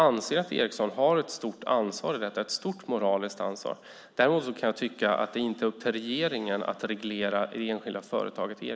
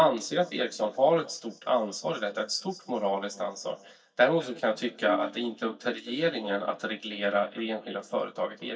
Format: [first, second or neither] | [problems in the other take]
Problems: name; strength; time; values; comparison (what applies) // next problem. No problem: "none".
first | noise reduction (neural mask model DeepFilterNet 3)